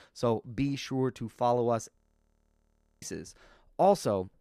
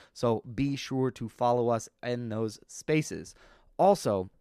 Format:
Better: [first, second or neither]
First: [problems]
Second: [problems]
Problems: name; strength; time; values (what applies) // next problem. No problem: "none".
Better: second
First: audio freezing; at 2 s for 1 s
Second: none